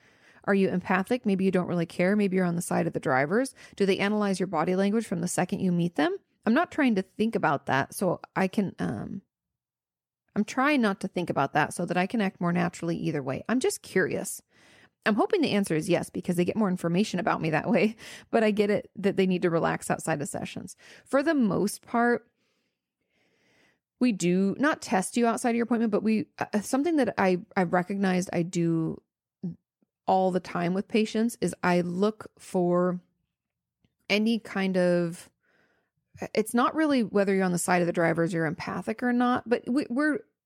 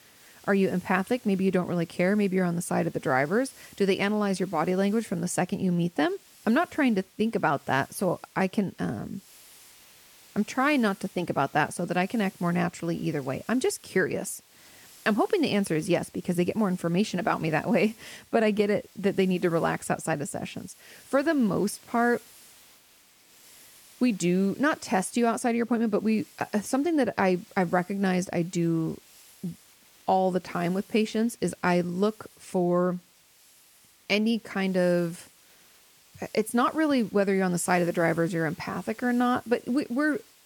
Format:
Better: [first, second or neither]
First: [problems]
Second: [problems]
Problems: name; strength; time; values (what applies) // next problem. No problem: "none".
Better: first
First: none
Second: hiss; faint; throughout; 25 dB below the speech